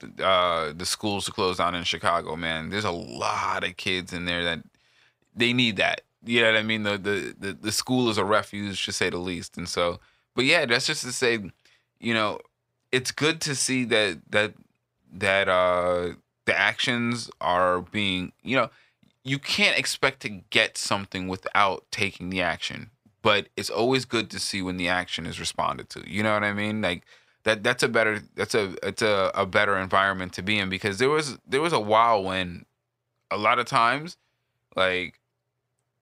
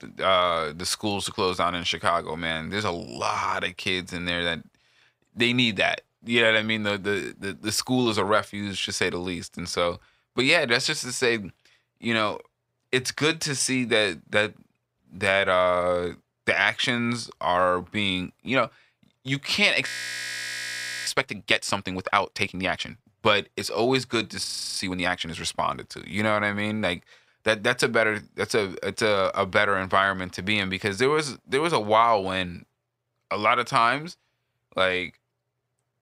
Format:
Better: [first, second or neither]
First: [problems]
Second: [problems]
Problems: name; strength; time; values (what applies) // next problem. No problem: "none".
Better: first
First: none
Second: audio freezing; at 20 s for 1 s and at 24 s